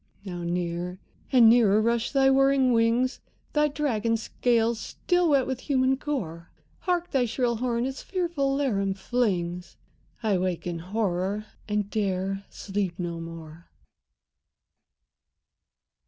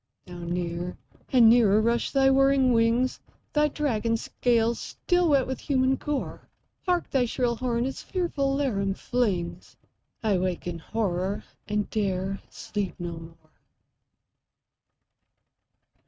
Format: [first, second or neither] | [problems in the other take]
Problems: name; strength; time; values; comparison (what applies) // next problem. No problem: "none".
first | noise reduction (neural mask model RNNoise)